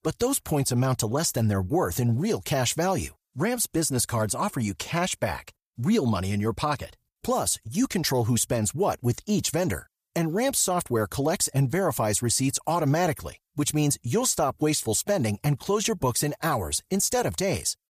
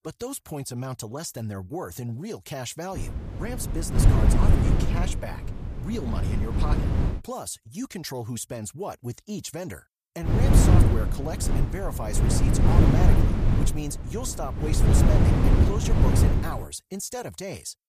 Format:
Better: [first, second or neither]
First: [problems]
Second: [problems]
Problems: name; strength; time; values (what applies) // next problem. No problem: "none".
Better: first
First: none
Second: wind noise on the microphone; heavy; from 3 to 7 s and from 10 to 17 s; 3 dB above the speech